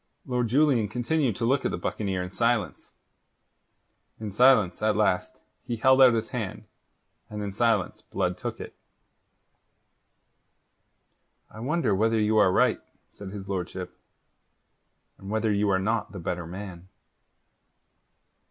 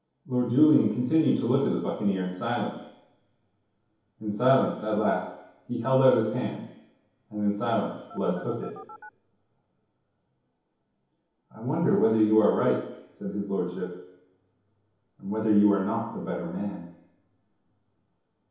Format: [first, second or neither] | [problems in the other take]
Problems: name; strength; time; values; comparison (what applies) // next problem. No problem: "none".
first | background sound (Telephone); 17 dB below the speech // room echo; dies away in 2.2 s